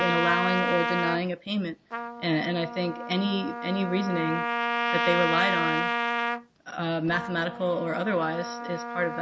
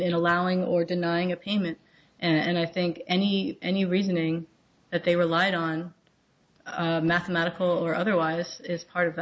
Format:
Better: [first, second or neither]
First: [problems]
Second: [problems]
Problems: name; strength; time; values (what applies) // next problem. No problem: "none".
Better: second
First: background sound (Trumpet); 1 dB below the speech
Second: none